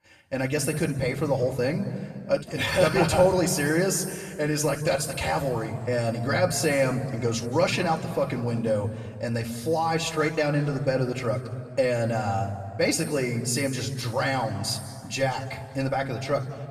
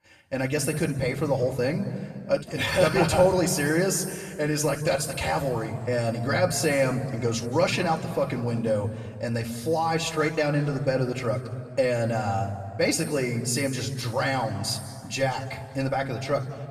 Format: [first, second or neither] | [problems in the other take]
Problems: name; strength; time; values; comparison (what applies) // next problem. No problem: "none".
neither | room echo; slight; dies away in 1.6 s; the same in both // off-mic speech; somewhat distant; the same in both